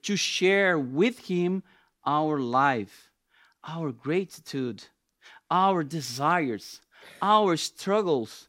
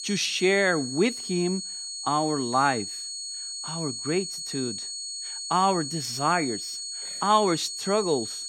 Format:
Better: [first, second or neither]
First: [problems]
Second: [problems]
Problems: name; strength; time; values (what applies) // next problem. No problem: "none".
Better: first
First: none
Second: high-pitched whine; loud; throughout; 4.5 kHz, 6 dB below the speech